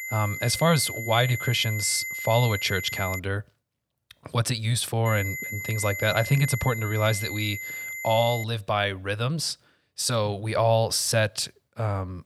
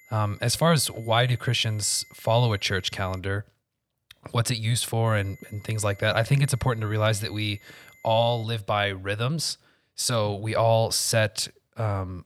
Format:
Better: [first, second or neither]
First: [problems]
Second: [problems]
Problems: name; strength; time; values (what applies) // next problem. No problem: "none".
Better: second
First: high-pitched whine; loud; until 3 s and from 5 to 8.5 s; 2 kHz, 7 dB below the speech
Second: high-pitched whine; faint; until 3 s and from 5 to 8.5 s; 2 kHz, 25 dB below the speech